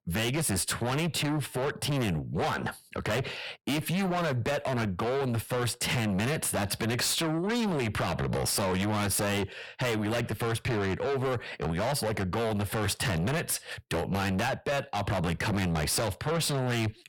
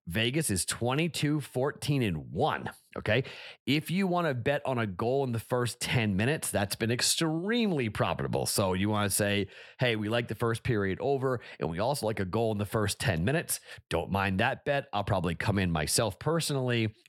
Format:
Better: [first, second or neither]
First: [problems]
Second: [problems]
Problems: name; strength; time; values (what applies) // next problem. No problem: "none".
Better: second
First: distortion; heavy; 6 dB below the speech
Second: none